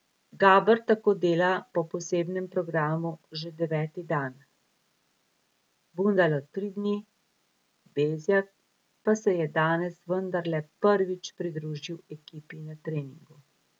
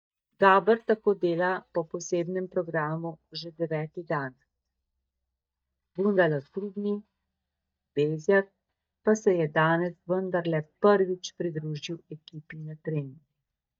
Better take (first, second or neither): first